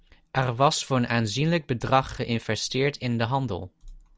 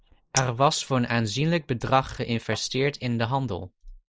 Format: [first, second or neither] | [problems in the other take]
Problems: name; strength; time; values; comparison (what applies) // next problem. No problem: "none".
first | noise reduction (neural mask model Resemble Enhance denoiser)